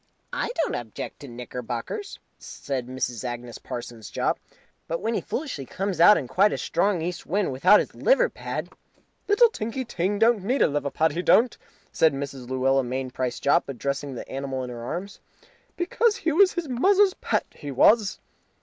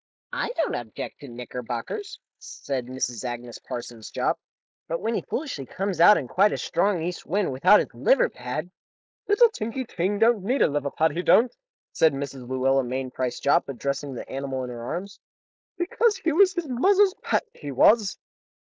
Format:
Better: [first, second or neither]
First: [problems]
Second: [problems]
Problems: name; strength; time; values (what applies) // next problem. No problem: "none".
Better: first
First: none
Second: noise reduction (neural mask model Resemble Enhance denoiser)